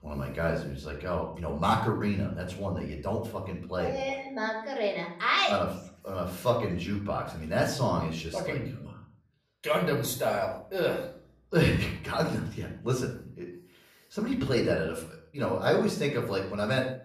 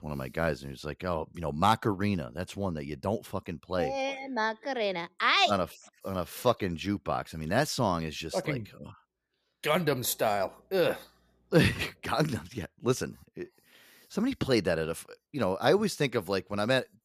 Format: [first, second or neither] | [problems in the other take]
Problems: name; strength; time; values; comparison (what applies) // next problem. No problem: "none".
second | off-mic speech; far // room echo; slight; dies away in 0.5 s